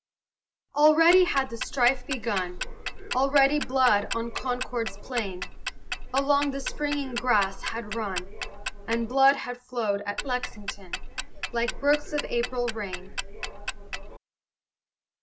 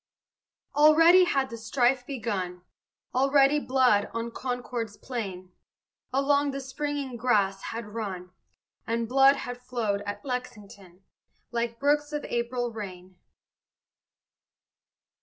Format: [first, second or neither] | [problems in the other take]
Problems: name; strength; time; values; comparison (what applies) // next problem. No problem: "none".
second | background sound (Tick-tock); 6 dB below the speech